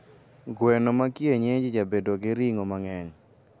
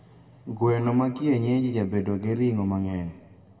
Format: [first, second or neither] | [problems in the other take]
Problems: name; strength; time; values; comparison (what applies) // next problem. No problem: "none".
first | room echo; dies away in 1.2 s